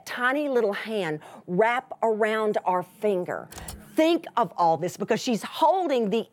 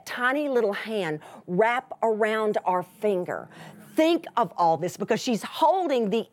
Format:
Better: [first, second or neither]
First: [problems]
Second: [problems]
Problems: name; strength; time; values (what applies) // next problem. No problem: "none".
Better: second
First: keyboard typing; faint; at 3.5 s; peak 15 dB below the speech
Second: none